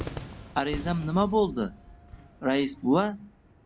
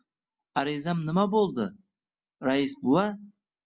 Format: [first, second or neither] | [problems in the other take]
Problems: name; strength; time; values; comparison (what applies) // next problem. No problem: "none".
second | background sound (Cheering / Fireworks); 14 dB below the speech